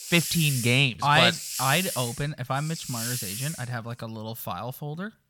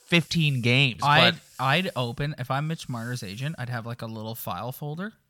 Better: second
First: hiss; loud; until 4 s; 6 dB below the speech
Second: hiss; faint; until 4 s; 25 dB below the speech

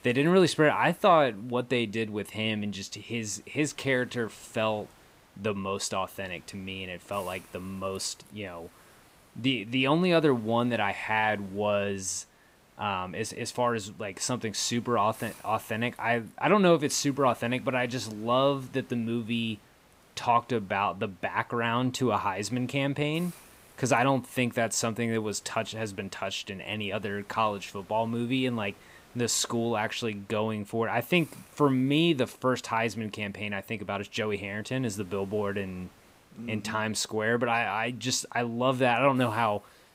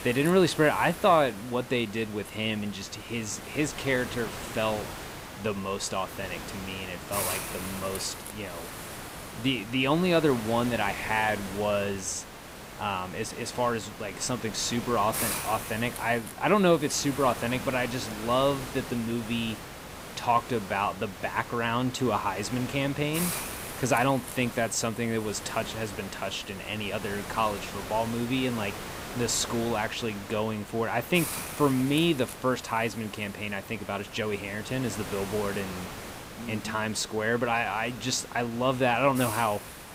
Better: first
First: hiss; faint; throughout; 25 dB below the speech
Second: hiss; loud; throughout; 9 dB below the speech

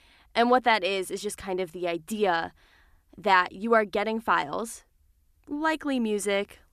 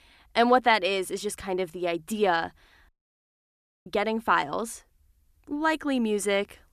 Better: first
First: none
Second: audio cutting out; at 3 s for 1 s

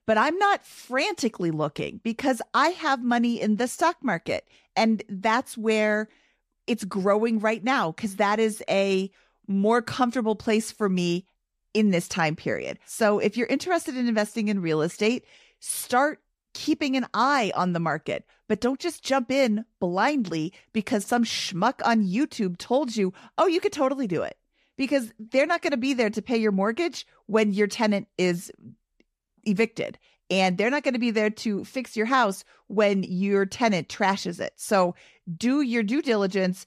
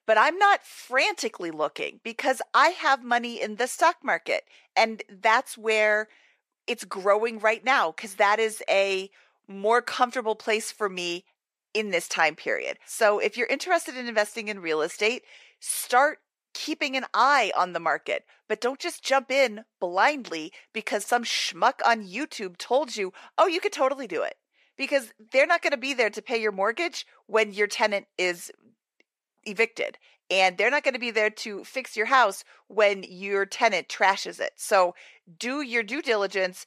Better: first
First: none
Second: thin; very; fading below 550 Hz

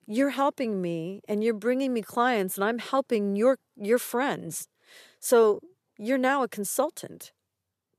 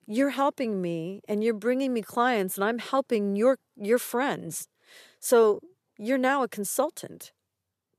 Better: neither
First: none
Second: none

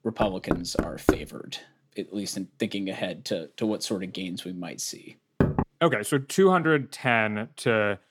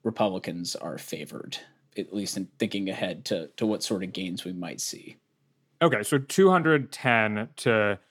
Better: second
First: door banging; loud; at the start and at 5.5 s; peak 2 dB above the speech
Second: none

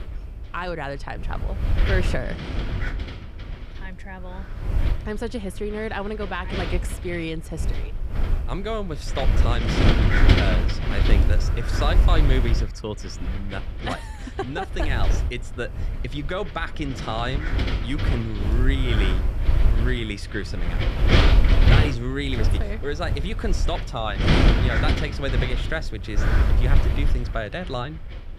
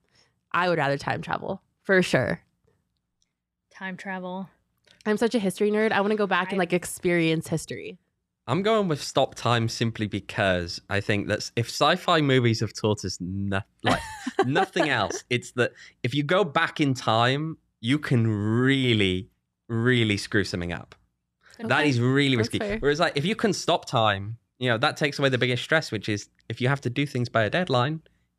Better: second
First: wind noise on the microphone; heavy; as loud as the speech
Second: none

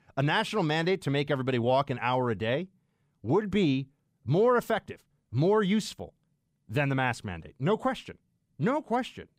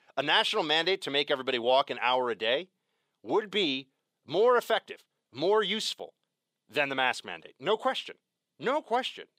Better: first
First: none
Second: thin; somewhat; fading below 450 Hz

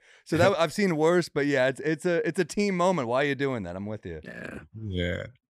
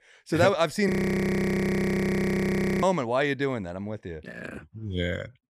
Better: first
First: none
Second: audio freezing; at 1 s for 2 s

